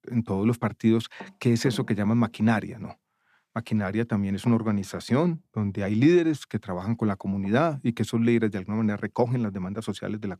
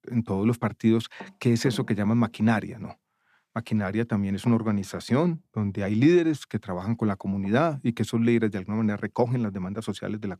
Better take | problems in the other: neither | none

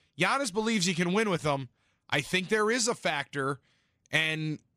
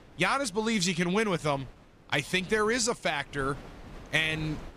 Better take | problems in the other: first | wind noise on the microphone; occasional gusts; 25 dB below the speech

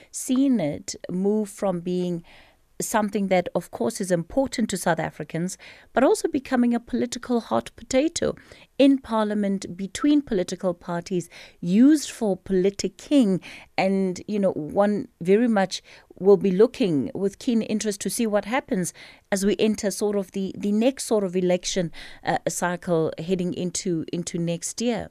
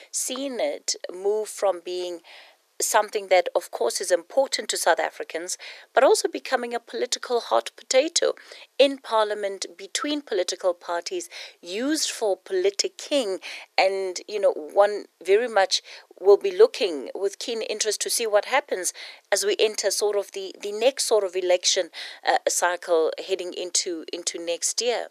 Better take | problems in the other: first | thin; very; fading below 400 Hz

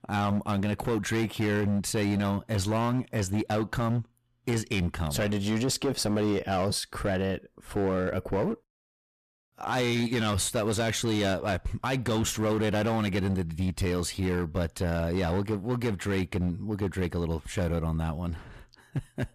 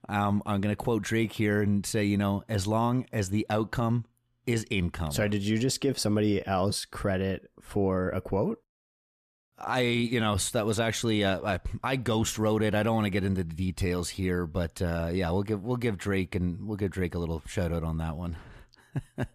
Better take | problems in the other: second | distortion; slight; 14% of the sound clipped

